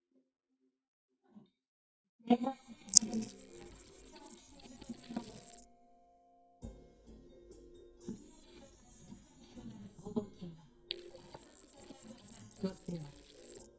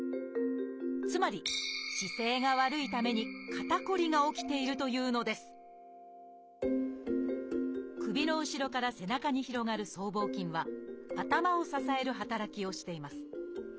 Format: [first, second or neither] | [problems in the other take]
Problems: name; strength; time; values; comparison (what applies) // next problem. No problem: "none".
second | noise reduction (neural mask model DeepFilterNet 3)